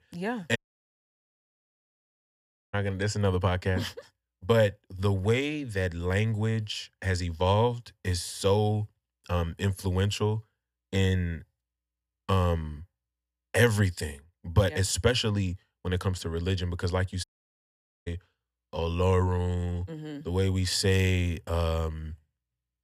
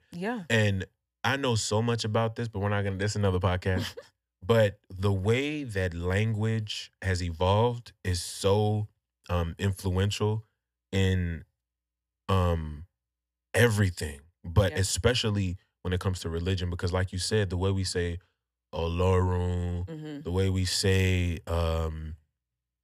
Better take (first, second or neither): second